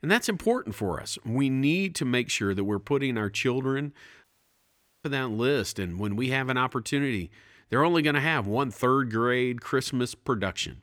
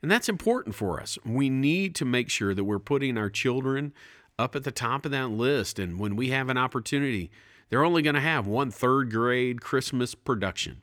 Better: second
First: audio cutting out; at 4 s for 1 s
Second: none

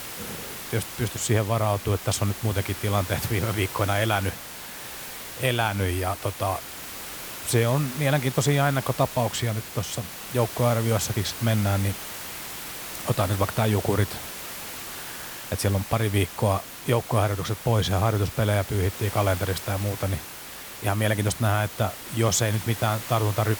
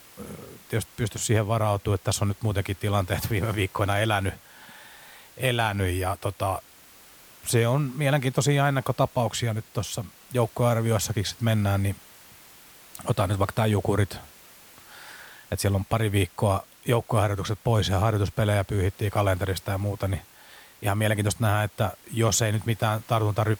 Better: second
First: hiss; loud; throughout; 9 dB below the speech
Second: hiss; faint; throughout; 25 dB below the speech

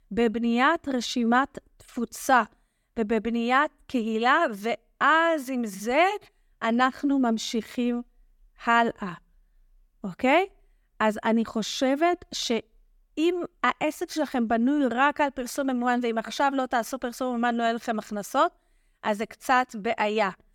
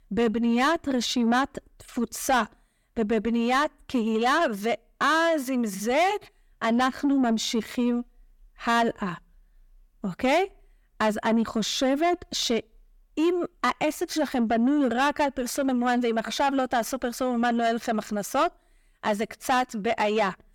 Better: first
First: none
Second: distortion; slight; 10 dB below the speech

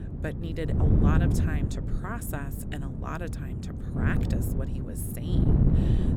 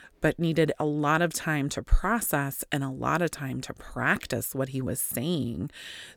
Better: second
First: wind noise on the microphone; heavy; 1 dB above the speech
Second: none

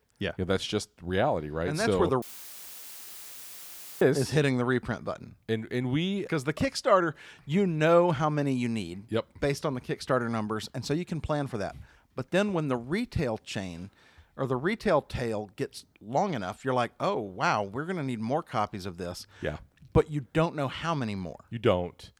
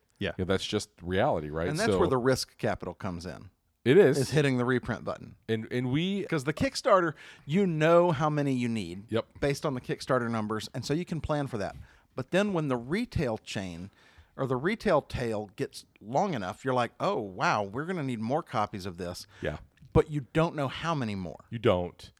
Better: second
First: audio cutting out; filled with static; at 2 s for 2 s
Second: none

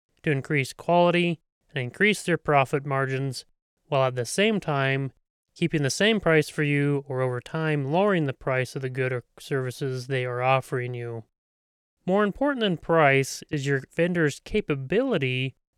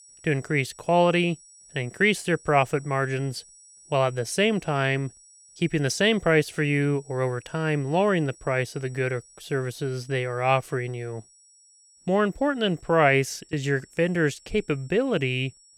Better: first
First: none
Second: high-pitched whine; faint; throughout; 8 kHz, 25 dB below the speech

